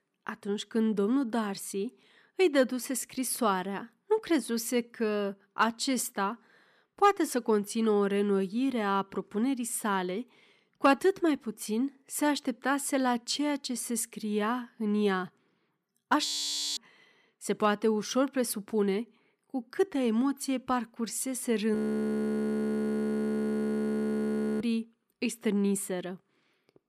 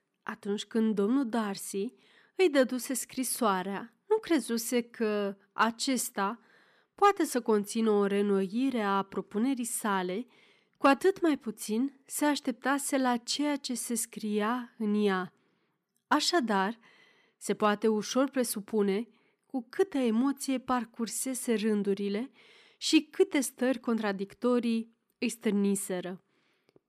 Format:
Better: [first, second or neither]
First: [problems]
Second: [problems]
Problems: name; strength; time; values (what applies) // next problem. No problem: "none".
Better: second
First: audio freezing; at 16 s for 0.5 s and at 22 s for 3 s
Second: none